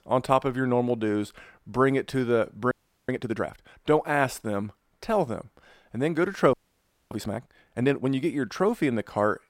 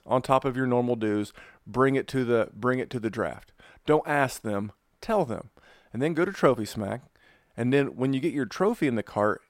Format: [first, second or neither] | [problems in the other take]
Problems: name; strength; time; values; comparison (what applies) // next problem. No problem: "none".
second | audio freezing; at 2.5 s and at 6.5 s for 0.5 s